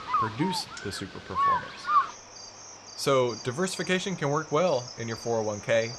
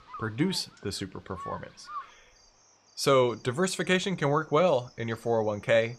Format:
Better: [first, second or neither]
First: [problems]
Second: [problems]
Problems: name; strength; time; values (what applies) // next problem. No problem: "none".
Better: second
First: animal sounds; loud; throughout; 3 dB below the speech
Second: animal sounds; faint; throughout; 20 dB below the speech